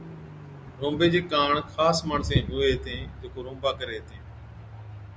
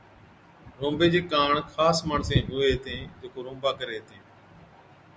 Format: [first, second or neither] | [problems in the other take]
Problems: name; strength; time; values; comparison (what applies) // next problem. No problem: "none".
second | background sound (Car); 14 dB below the speech